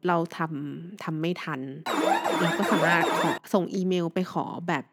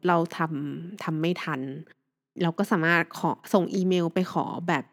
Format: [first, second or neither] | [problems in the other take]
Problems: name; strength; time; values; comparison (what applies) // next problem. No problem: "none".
second | alarm; loud; from 2 to 3.5 s; peak 4 dB above the speech